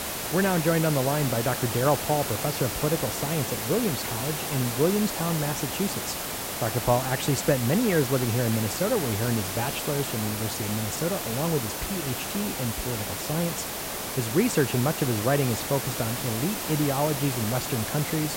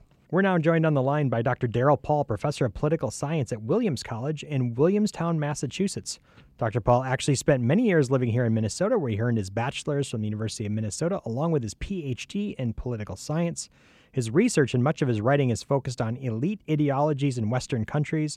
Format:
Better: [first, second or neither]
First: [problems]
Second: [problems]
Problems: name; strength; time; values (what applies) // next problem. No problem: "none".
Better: second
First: hiss; loud; throughout; 2 dB below the speech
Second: none